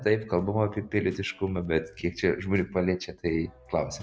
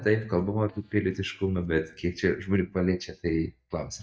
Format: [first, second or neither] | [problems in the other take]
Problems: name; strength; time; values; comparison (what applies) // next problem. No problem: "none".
first | noise reduction (neural mask model DeepFilterNet 3)